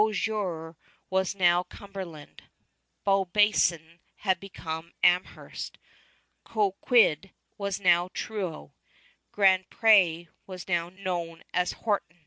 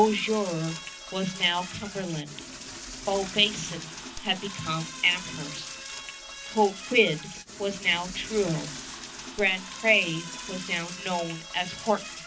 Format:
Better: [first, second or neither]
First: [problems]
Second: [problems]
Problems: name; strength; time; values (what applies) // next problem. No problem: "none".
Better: first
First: none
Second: background sound (Toilet flush / Door); 11 dB below the speech // room echo; dies away in 0.4 s